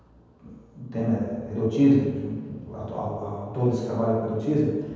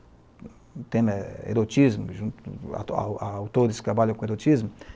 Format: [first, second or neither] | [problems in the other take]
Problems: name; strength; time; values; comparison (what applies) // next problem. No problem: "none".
second | room echo; dies away in 1.2 s